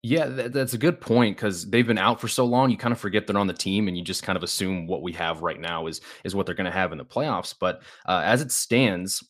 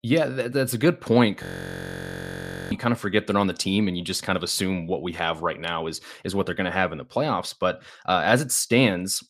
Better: first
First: none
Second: audio freezing; at 1.5 s for 1.5 s

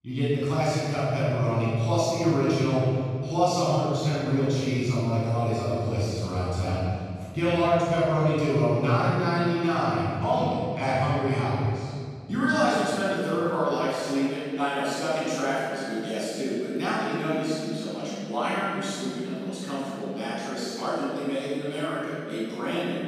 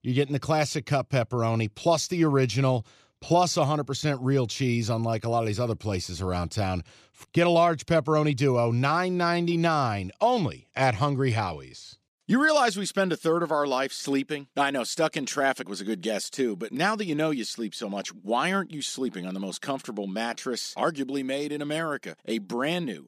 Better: second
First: off-mic speech; far // room echo; strong; dies away in 2.3 s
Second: none

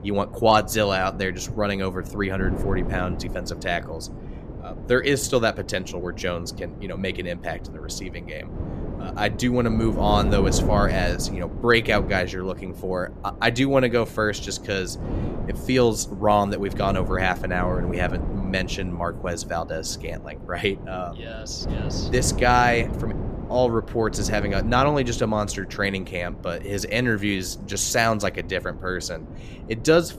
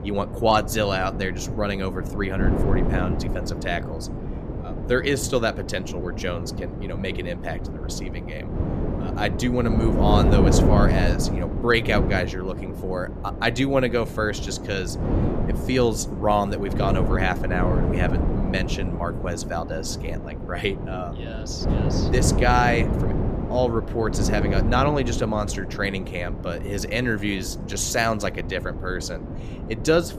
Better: first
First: wind noise on the microphone; occasional gusts; 15 dB below the speech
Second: wind noise on the microphone; heavy; 7 dB below the speech

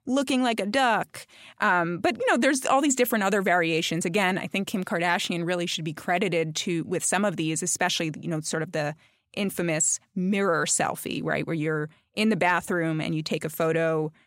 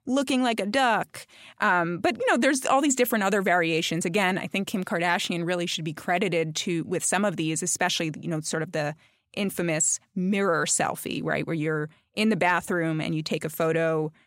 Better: neither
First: none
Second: none

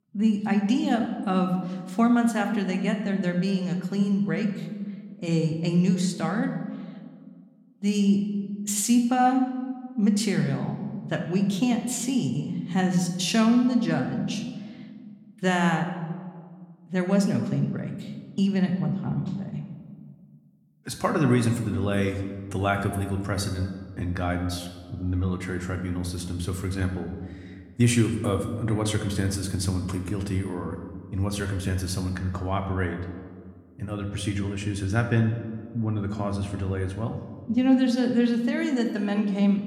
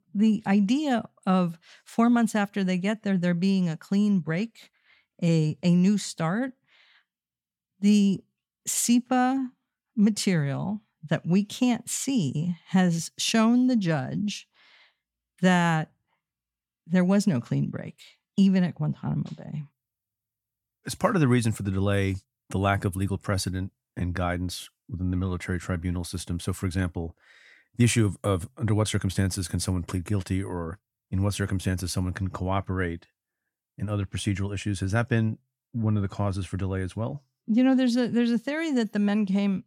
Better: second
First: room echo; slight; dies away in 1.2 s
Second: none

